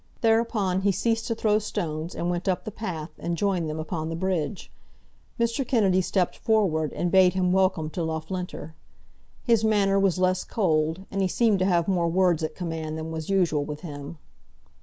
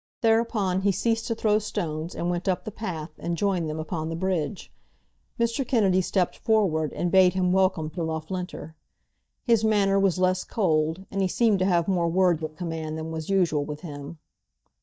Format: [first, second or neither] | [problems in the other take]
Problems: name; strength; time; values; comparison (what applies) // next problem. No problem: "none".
first | noise reduction (neural mask model DeepFilterNet 3)